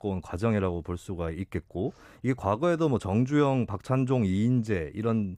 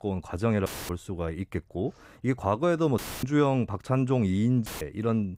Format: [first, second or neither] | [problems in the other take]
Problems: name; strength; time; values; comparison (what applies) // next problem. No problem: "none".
first | audio cutting out; filled with static; at 0.5 s, at 3 s and at 4.5 s